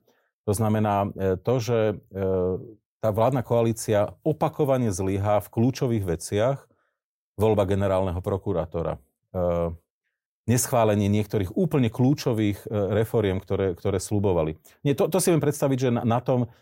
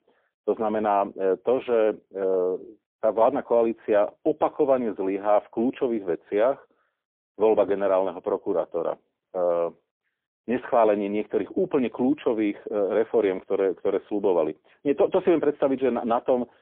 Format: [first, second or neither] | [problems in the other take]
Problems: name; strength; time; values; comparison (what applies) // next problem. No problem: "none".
first | phone-call audio; poor line; nothing above 3.5 kHz